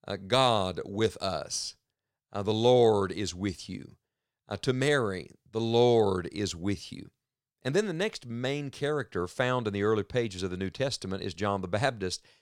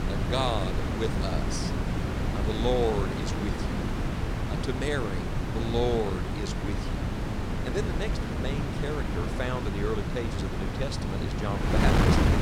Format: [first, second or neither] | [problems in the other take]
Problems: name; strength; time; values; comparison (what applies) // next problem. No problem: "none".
first | wind noise on the microphone; heavy; 1 dB below the speech